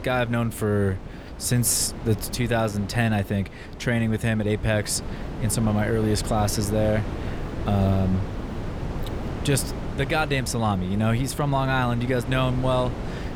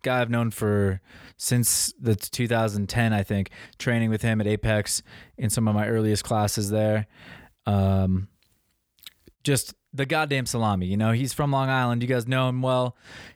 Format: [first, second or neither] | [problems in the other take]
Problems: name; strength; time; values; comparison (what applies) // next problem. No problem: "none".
second | wind noise on the microphone; occasional gusts; 10 dB below the speech